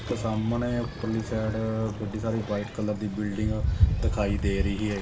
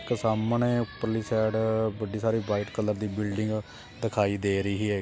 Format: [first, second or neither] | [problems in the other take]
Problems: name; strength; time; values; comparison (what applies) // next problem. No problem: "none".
second | background sound (Waves, surf); 1 dB below the speech // room echo; dies away in 0.2 s